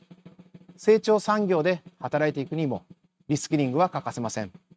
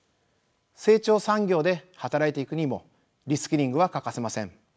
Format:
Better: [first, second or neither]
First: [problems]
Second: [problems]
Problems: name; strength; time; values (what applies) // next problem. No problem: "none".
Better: second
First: noise reduction (neural mask model RNNoise)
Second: none